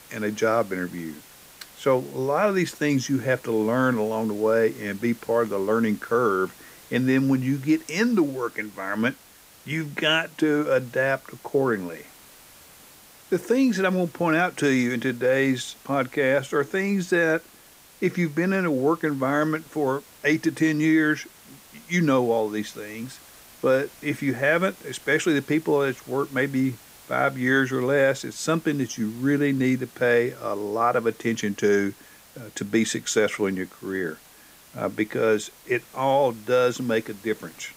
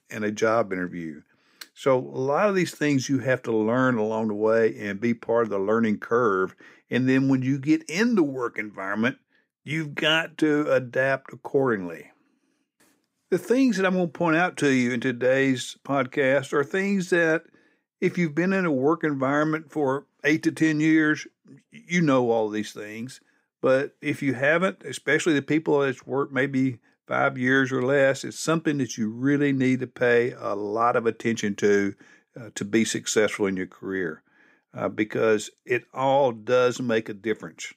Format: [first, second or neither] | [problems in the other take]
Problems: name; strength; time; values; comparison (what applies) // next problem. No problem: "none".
second | hiss; faint; throughout; 25 dB below the speech